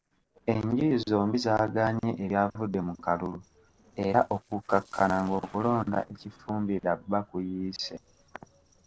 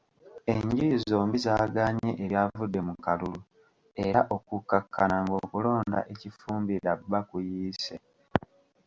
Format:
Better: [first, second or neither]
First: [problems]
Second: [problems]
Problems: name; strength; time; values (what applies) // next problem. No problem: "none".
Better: second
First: noise reduction (neural separator model SepFormer DNS4)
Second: none